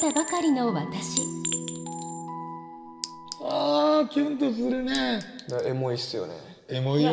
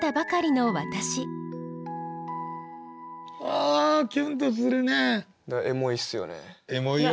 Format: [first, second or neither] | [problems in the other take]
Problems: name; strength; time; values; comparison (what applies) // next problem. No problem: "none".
second | background sound (Chink, clink); 11 dB below the speech // room echo; dies away in 1.9 s